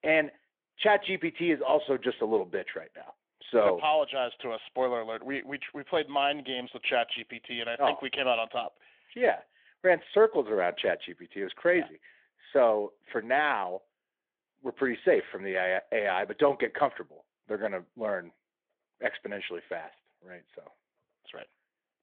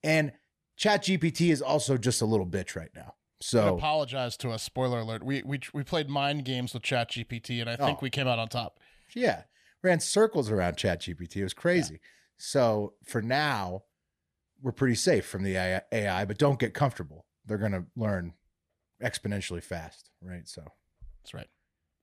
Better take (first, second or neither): second